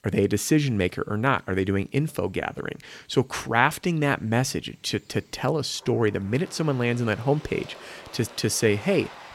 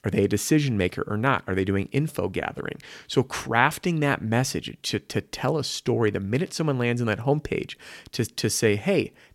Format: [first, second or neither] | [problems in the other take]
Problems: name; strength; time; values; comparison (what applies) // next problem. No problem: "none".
second | animal sounds; faint; throughout; 20 dB below the speech